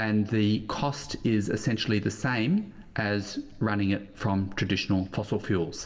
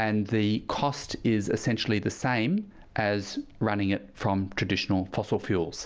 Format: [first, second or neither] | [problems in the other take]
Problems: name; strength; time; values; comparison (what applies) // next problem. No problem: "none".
second | room echo; dies away in 1.3 s